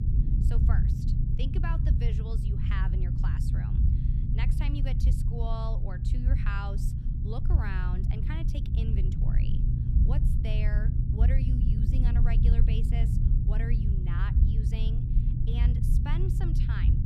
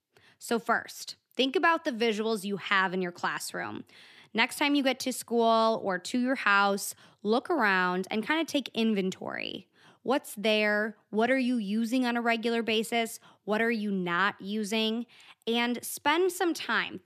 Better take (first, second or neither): second